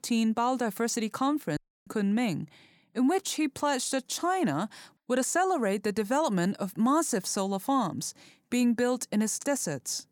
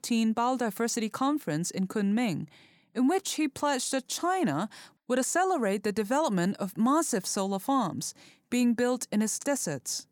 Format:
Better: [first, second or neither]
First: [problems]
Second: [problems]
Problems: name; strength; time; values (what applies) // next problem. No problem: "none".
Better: second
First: audio cutting out; at 1.5 s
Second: none